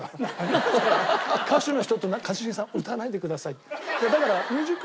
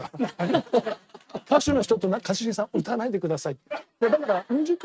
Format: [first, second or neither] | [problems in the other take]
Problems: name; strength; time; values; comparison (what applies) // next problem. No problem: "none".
first | noise reduction (neural mask model RNNoise)